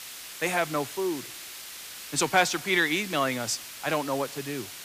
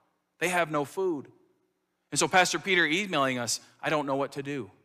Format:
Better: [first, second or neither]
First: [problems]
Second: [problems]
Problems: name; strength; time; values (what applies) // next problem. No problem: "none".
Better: second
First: hiss; noticeable; throughout; 10 dB below the speech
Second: none